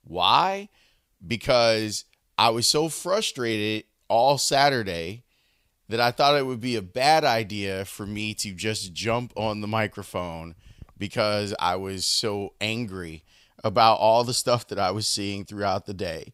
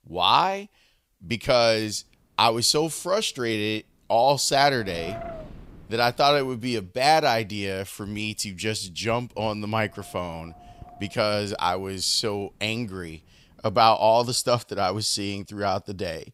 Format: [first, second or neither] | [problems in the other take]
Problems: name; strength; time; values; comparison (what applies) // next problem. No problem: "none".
first | wind noise on the microphone; occasional gusts; from 1.5 to 7 s and from 9.5 to 14 s; 20 dB below the speech